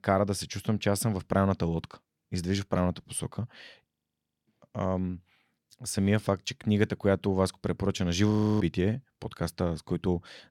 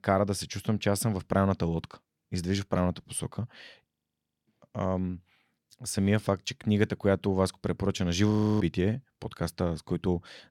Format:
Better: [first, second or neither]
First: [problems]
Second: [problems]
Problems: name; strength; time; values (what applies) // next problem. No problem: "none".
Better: neither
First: audio freezing; at 4 s for 0.5 s and at 8.5 s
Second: audio freezing; at 4 s for 0.5 s and at 8.5 s